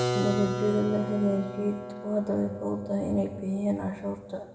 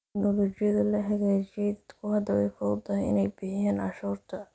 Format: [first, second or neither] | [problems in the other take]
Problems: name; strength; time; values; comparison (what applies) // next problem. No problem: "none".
second | background sound (Keyboard (musical)); 6 dB below the speech // room echo; dies away in 0.9 s